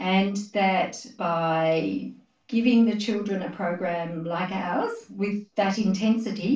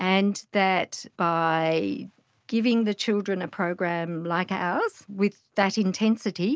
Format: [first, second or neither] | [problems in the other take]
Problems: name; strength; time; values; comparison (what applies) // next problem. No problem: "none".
second | room echo; dies away in 0.3 s